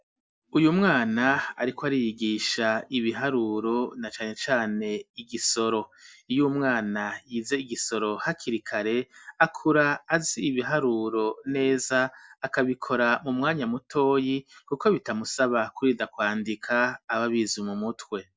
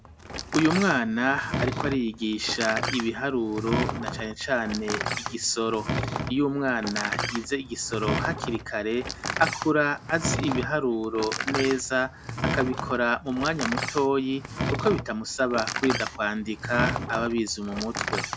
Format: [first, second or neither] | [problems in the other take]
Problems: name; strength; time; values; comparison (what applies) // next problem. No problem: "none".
first | background sound (Door); 5 dB below the speech